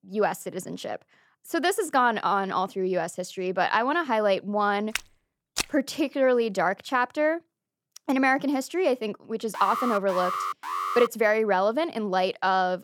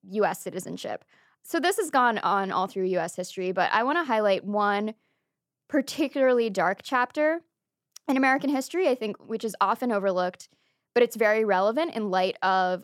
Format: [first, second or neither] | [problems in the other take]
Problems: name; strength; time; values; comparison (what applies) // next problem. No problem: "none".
second | footsteps; noticeable; at 5 s; peak 5 dB below the speech // alarm; noticeable; from 9.5 to 11 s; peak 3 dB below the speech